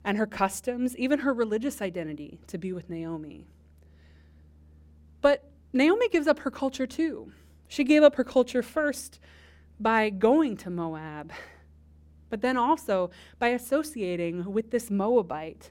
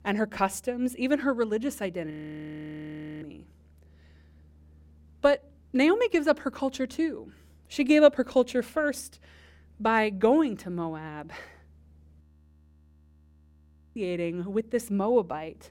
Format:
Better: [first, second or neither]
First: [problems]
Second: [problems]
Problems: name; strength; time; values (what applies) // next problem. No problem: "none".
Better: first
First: none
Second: audio freezing; at 2 s for 1 s and at 12 s for 2 s